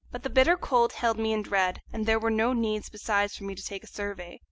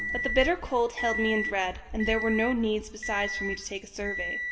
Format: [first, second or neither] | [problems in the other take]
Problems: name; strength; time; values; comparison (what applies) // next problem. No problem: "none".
first | background sound (Microwave oven); 5 dB below the speech // room echo; dies away in 1.6 s